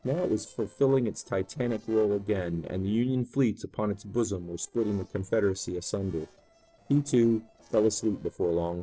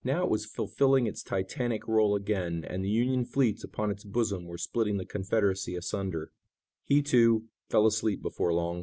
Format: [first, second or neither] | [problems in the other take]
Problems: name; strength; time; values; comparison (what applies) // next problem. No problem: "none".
second | noise reduction (neural separator model SepFormer DNS4)